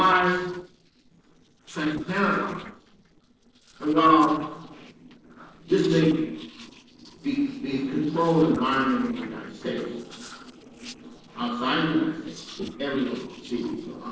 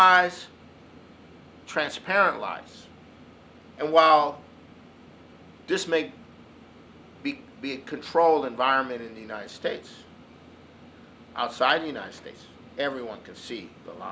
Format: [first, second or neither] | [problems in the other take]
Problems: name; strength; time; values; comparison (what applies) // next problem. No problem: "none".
second | noise reduction (neural separator model SepFormer DNS4)